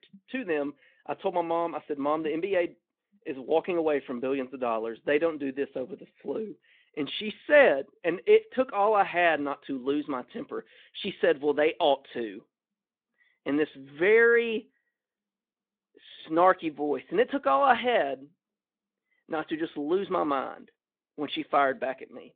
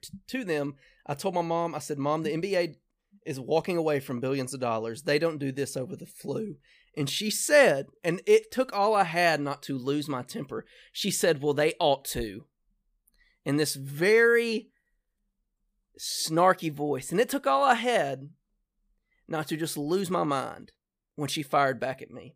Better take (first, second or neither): second